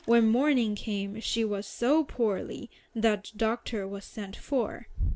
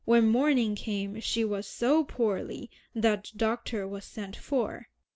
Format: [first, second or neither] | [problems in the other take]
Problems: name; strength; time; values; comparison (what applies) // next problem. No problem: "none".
second | background sound (Toilet flush); 12 dB below the speech